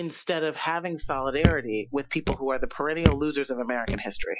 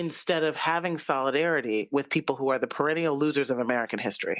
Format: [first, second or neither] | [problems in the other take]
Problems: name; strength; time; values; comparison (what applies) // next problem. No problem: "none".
second | noise reduction (classical method Wiener filter)